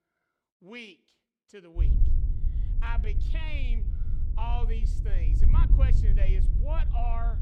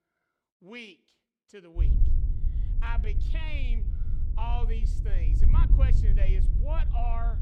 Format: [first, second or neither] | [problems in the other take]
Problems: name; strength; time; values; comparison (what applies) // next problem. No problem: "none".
neither | wind noise on the microphone; heavy; from 2 s on; 6 dB below the speech; the same in both